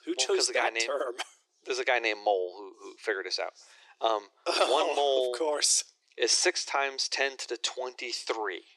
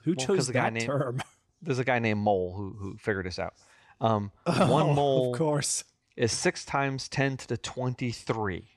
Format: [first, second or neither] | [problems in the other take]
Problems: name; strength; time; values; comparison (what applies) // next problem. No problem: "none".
second | thin; very; fading below 350 Hz